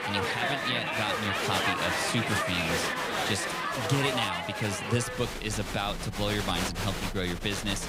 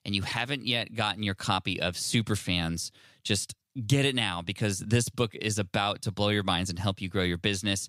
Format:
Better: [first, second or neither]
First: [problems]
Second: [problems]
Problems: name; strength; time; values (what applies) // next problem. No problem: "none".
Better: second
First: crowd noise; very loud; throughout; 1 dB above the speech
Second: none